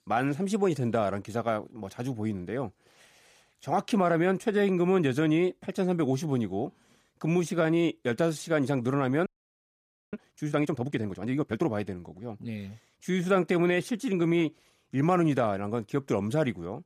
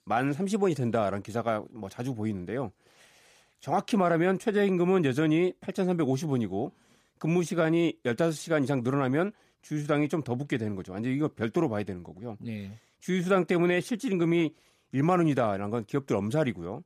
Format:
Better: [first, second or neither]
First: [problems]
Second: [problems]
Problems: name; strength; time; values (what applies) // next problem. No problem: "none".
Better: second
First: audio freezing; at 9.5 s for 1 s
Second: none